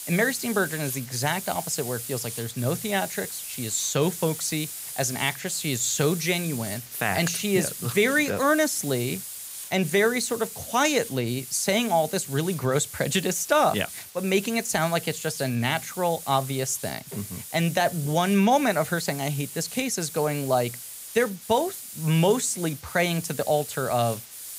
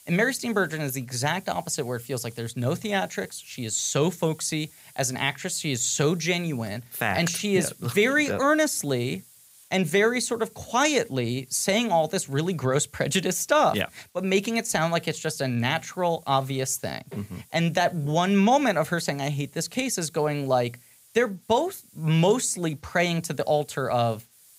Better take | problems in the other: second | hiss; loud; throughout; 10 dB below the speech; faint in the second

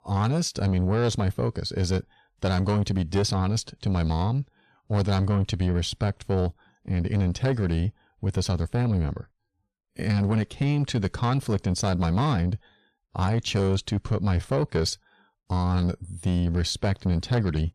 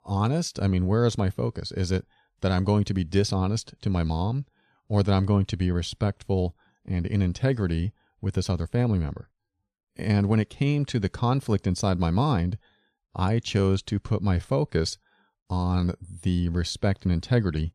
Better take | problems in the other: second | distortion; slight; 10 dB below the speech

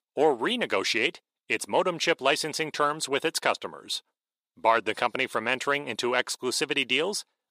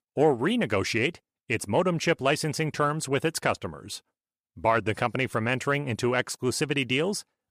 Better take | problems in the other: second | thin; somewhat; fading below 350 Hz

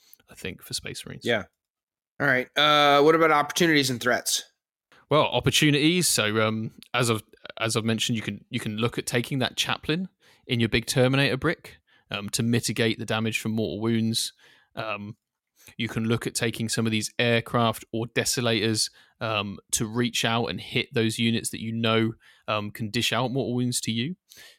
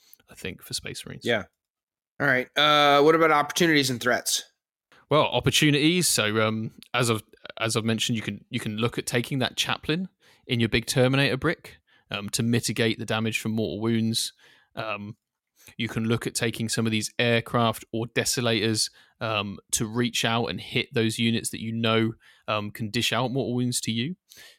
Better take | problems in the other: neither | none

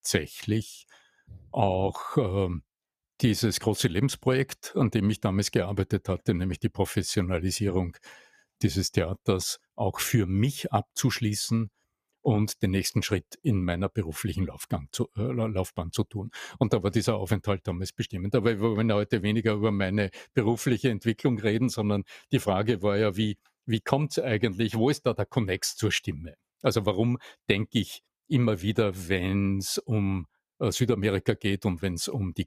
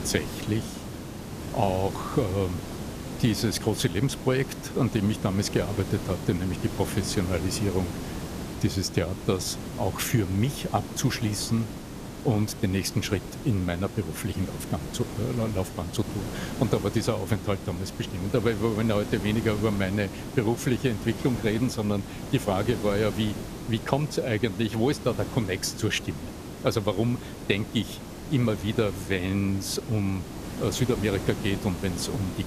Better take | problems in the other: first | hiss; loud; throughout; 9 dB below the speech

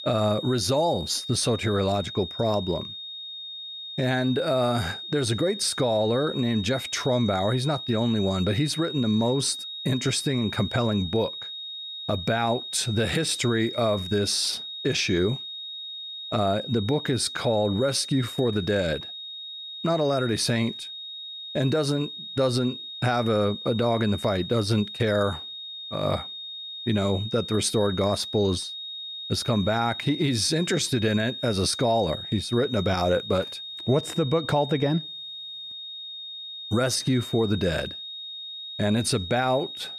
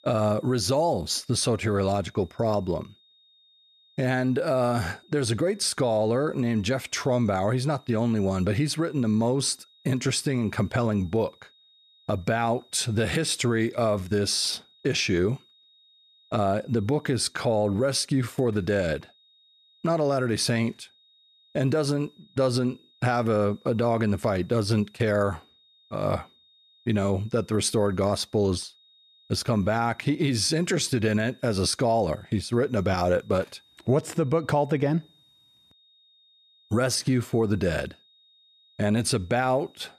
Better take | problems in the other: second | high-pitched whine; loud; throughout; 3.5 kHz, 9 dB below the speech; faint in the second

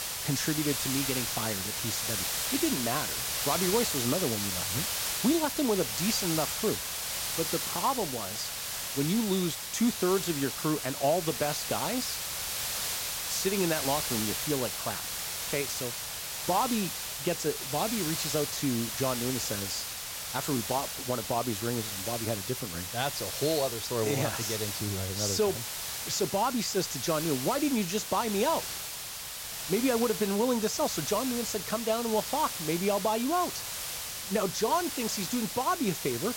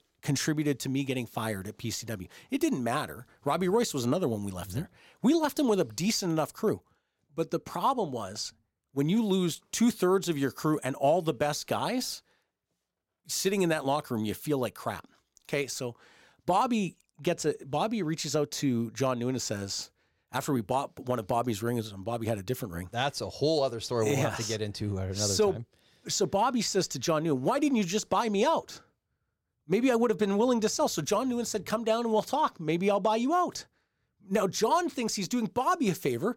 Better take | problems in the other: second | hiss; loud; throughout; 1 dB below the speech

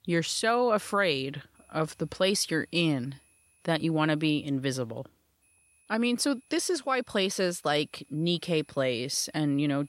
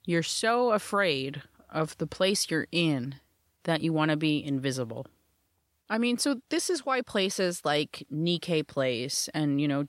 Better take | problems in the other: second | high-pitched whine; faint; from 1.5 to 4.5 s and from 5.5 s on; 10 kHz, 35 dB below the speech

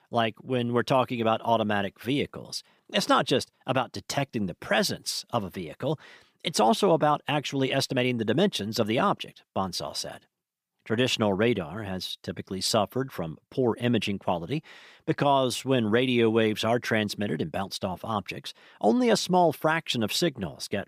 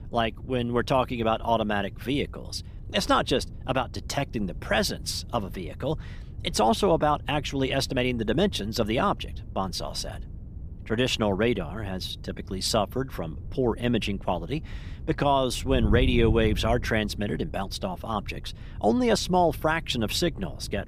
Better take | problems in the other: first | wind noise on the microphone; occasional gusts; 25 dB below the speech

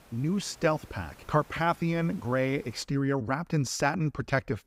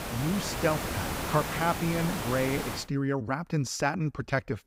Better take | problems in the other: first | hiss; loud; until 3 s; 4 dB below the speech; faint in the first

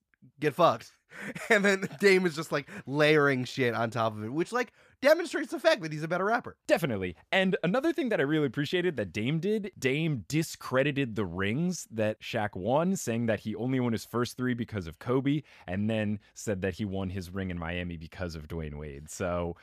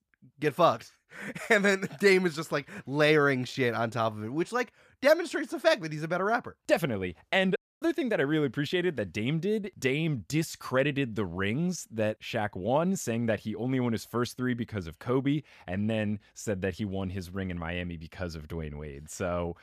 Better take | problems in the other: first | audio cutting out; at 7.5 s

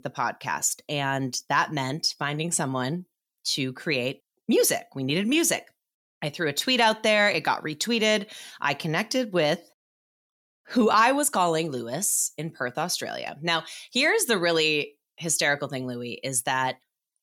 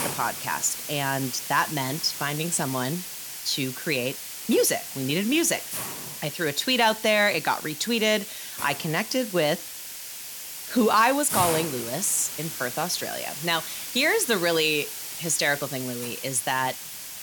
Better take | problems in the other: first | hiss; loud; throughout; 8 dB below the speech

